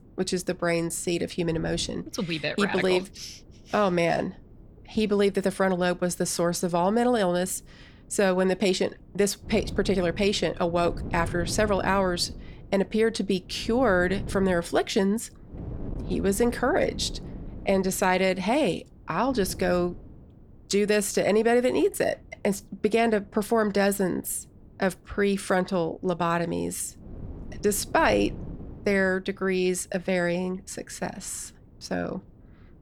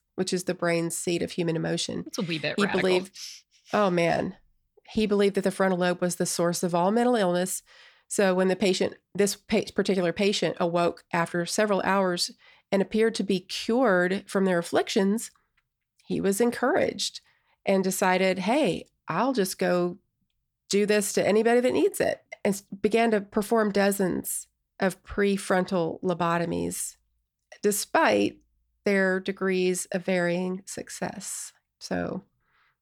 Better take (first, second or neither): second